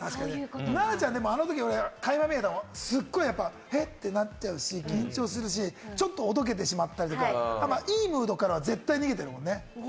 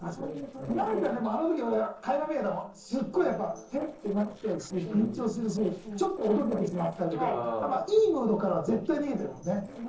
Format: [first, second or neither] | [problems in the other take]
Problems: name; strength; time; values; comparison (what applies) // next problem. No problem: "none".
first | noise reduction (neural separator model SepFormer DNS4)